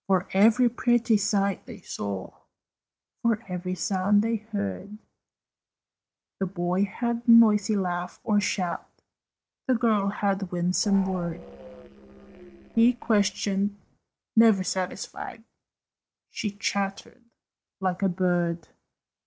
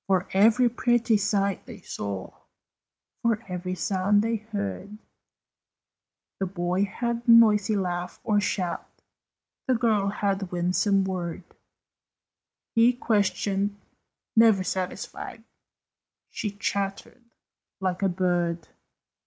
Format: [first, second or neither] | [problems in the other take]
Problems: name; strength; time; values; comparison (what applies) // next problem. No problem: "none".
second | noise reduction (neural separator model SepFormer DNS4)